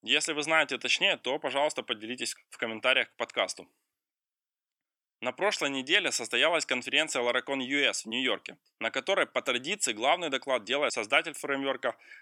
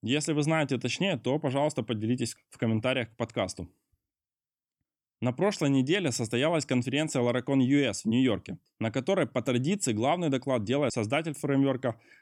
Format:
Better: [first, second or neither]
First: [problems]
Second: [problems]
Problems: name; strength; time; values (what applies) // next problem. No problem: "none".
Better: second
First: thin; somewhat; fading below 550 Hz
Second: none